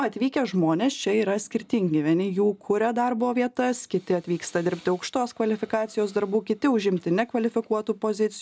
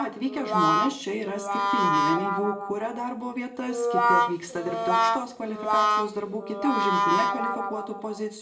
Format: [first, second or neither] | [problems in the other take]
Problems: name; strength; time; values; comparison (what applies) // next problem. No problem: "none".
first | background sound (Brass instrument); 4 dB above the speech // room echo; dies away in 0.6 s